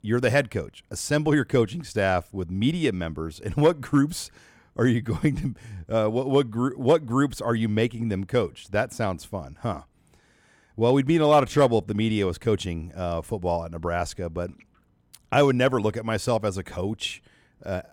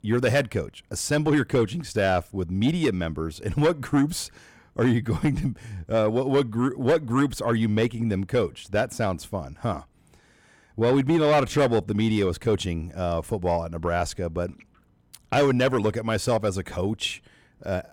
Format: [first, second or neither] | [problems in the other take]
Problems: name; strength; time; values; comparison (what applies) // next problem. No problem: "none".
first | distortion; slight; 10 dB below the speech